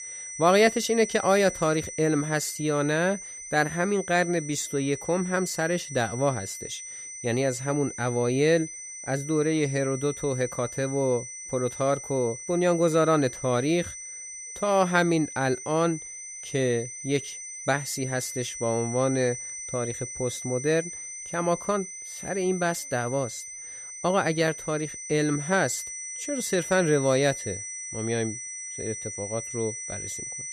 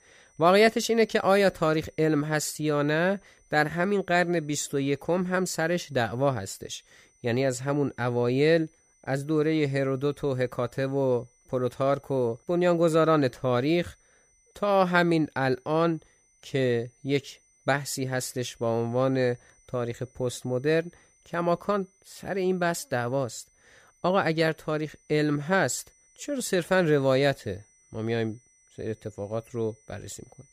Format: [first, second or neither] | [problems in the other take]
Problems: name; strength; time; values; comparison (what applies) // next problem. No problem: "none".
second | high-pitched whine; loud; throughout; 6 kHz, 9 dB below the speech; faint in the second